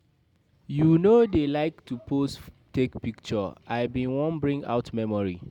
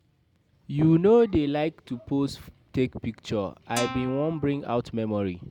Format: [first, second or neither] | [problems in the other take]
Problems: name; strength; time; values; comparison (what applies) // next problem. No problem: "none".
first | background sound (Guitar); 11 dB below the speech